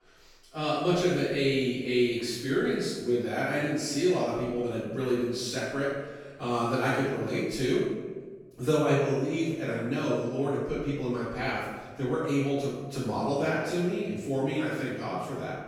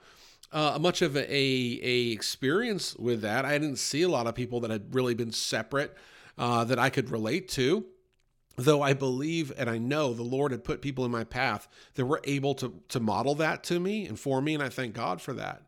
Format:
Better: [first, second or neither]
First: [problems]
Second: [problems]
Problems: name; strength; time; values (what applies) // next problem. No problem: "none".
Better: second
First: off-mic speech; far // room echo; strong; dies away in 1.1 s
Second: none